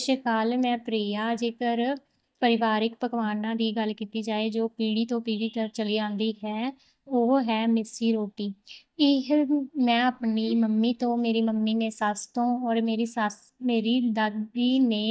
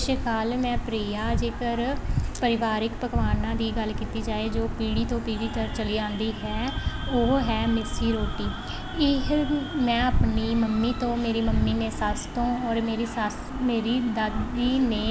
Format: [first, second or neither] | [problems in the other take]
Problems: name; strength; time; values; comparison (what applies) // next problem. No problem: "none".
second | noise reduction (neural mask model DeepFilterNet 3)